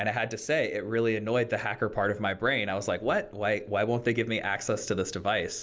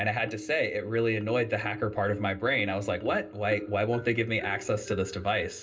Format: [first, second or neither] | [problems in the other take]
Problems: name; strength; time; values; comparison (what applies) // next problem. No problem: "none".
first | background sound (Marimba, xylophone); 14 dB below the speech // room echo; dies away in 0.2 s